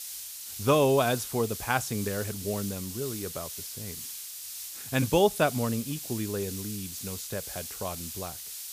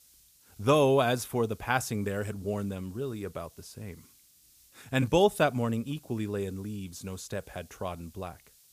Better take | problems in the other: second | hiss; loud; throughout; 8 dB below the speech; faint in the second

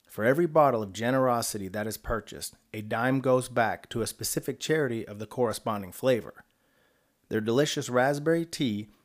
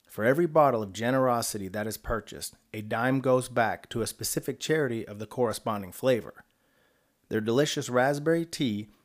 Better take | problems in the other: neither | none

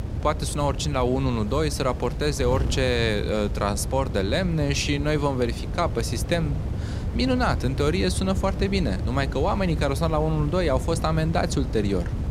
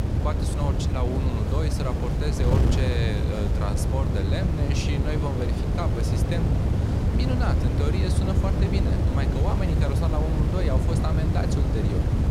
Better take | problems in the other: first | wind noise on the microphone; heavy; as loud as the speech; occasional gusts in the first

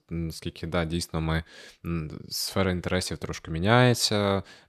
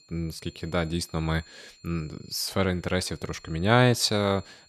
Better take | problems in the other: first | high-pitched whine; faint; throughout; 4 kHz, 25 dB below the speech

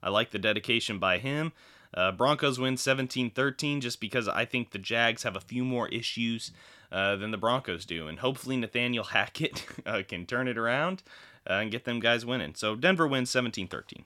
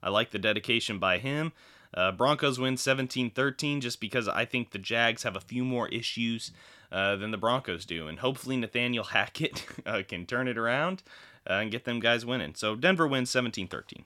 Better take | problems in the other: neither | none

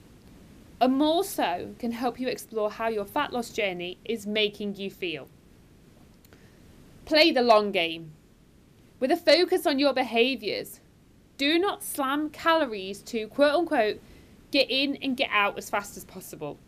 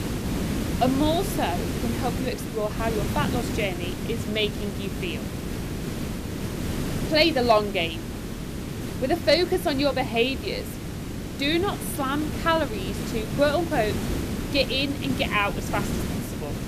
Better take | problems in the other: first | hiss; loud; throughout; 5 dB below the speech; faint in the first

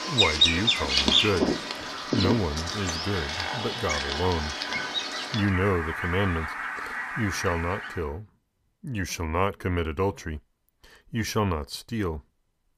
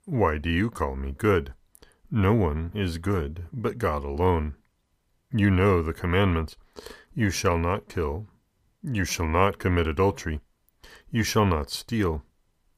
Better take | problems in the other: second | animal sounds; very loud; until 8 s; 3 dB above the speech

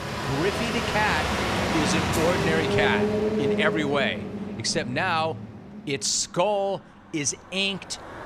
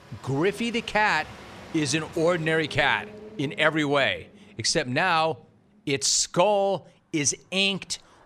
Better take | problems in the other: second | traffic noise; loud; throughout; as loud as the speech; faint in the second

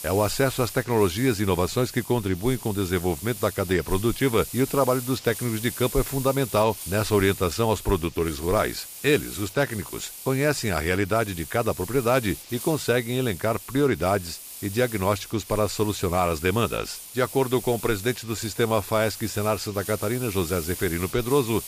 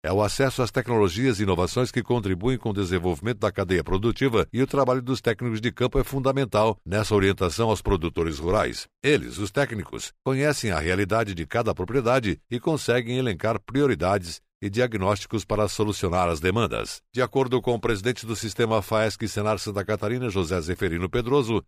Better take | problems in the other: second | hiss; noticeable; throughout; 10 dB below the speech

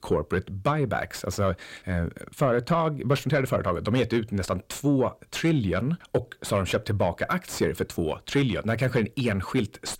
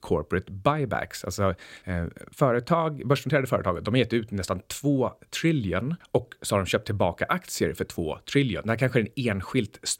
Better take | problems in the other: second | distortion; slight; 10 dB below the speech

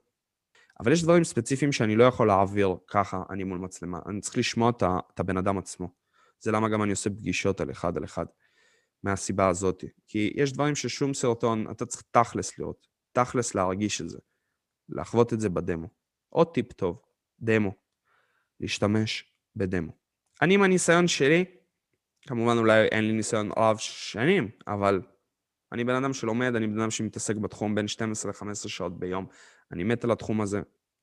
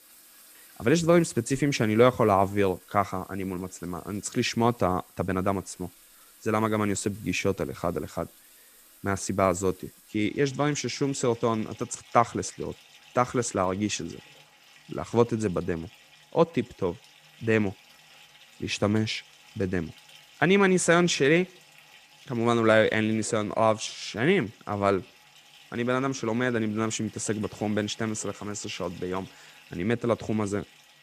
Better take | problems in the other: first | household noises; faint; throughout; 25 dB below the speech

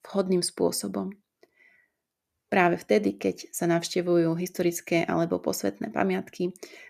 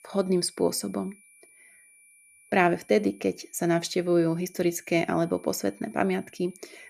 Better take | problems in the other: first | high-pitched whine; faint; throughout; 2.5 kHz, 25 dB below the speech

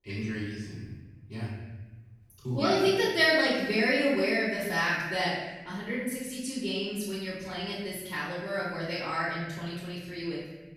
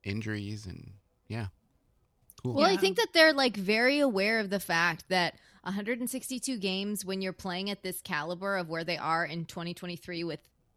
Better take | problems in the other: second | room echo; strong; dies away in 1.1 s // off-mic speech; far

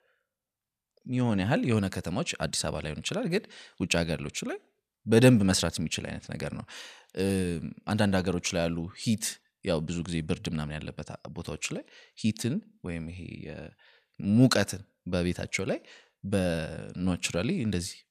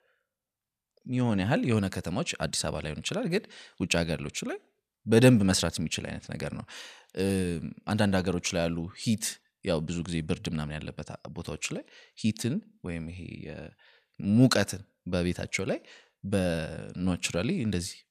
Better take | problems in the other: neither | none

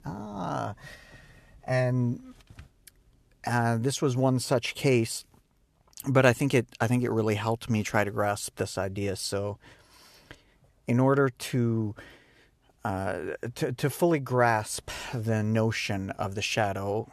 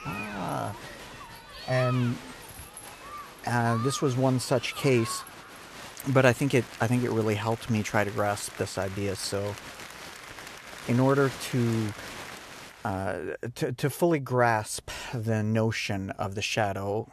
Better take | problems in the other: first | crowd noise; noticeable; until 13 s; 15 dB below the speech

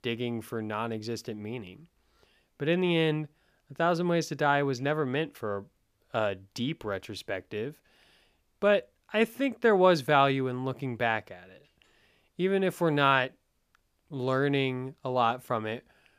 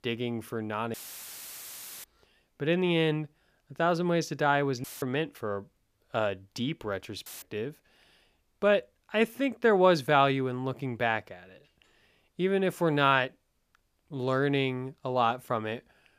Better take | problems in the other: first | audio cutting out; filled with static; at 1 s for 1 s, at 5 s and at 7.5 s

